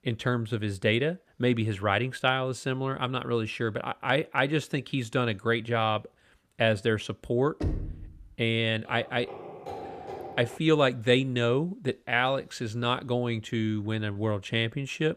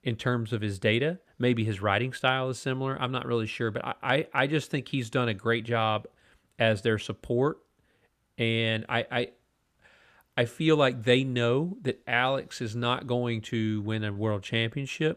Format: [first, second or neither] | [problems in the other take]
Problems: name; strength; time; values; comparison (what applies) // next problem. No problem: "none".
second | door banging; noticeable; at 7.5 s; peak 5 dB below the speech // footsteps; faint; from 9 to 11 s; peak 10 dB below the speech